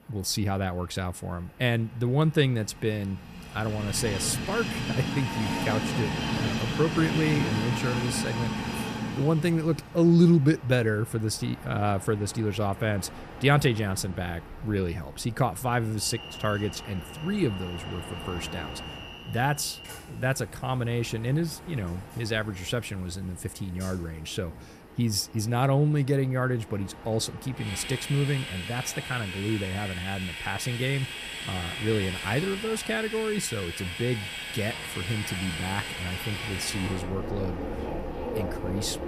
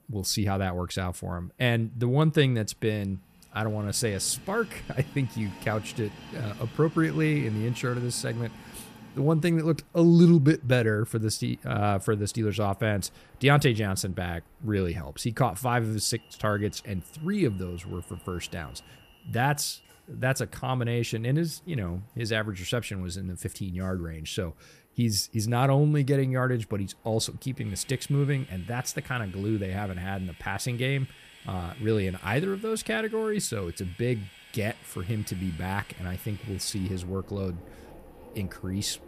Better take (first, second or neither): second